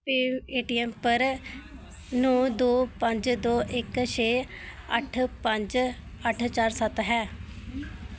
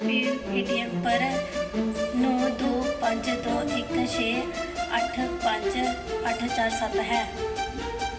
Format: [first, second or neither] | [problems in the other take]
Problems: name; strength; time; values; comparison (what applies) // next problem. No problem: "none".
first | background sound (Musical instrument); as loud as the speech // room echo; dies away in 0.8 s